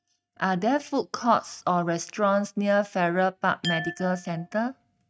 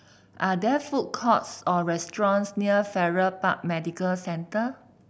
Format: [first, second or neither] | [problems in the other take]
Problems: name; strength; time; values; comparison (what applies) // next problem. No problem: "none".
second | noise reduction (neural mask model RNNoise)